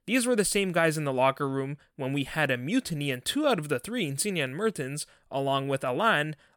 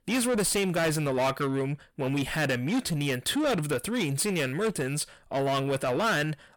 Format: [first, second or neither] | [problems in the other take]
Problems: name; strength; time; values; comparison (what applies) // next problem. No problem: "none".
first | distortion; heavy; 7 dB below the speech